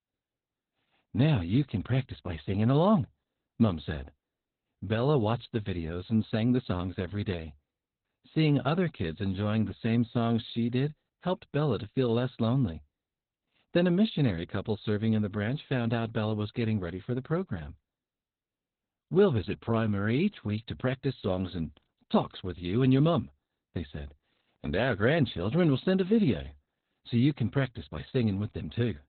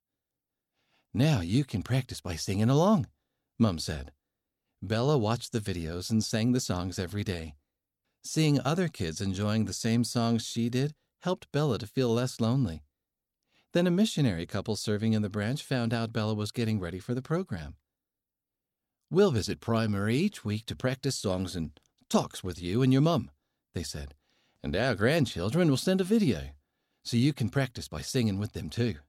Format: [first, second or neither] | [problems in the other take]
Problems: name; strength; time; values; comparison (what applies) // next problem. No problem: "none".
second | garbled, watery; badly; nothing above 4 kHz